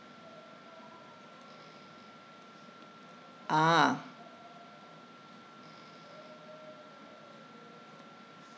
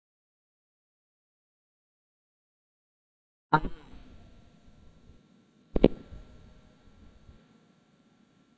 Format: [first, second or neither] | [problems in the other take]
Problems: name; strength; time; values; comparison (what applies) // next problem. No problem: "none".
first | noise reduction (neural mask model DeepFilterNet 3)